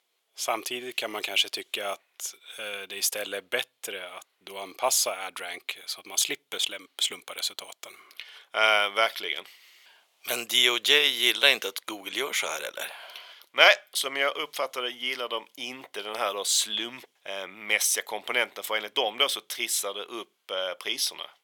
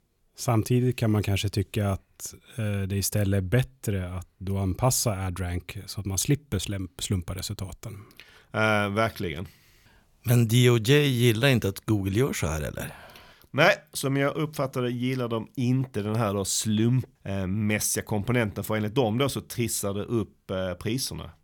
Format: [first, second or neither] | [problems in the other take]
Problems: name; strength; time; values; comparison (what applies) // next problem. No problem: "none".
second | thin; very; fading below 550 Hz